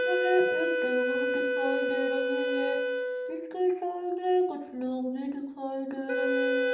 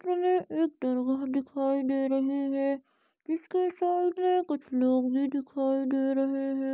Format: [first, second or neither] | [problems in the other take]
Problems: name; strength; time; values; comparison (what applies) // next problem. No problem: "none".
second | background sound (Wind instrument, woodwind instrument); 1 dB above the speech // room echo; dies away in 0.8 s